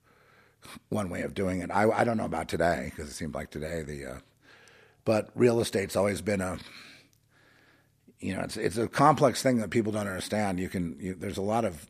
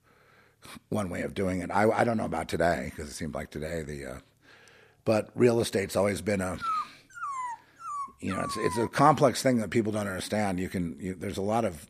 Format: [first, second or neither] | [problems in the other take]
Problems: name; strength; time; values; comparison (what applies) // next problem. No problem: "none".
first | dog barking; noticeable; from 6.5 to 9 s; peak 3 dB below the speech